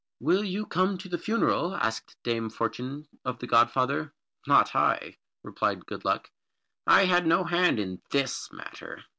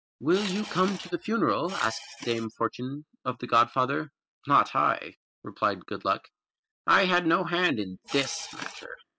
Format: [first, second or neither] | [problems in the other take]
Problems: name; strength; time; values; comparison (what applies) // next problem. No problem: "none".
first | noise reduction (classical method spectral subtraction)